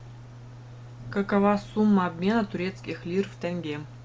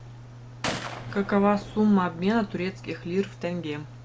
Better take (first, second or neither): first